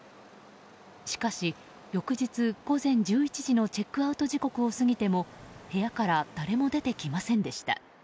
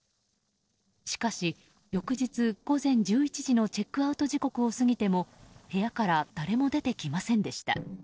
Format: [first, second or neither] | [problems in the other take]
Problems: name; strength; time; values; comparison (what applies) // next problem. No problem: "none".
first | noise reduction (neural separator model SepFormer DNS4)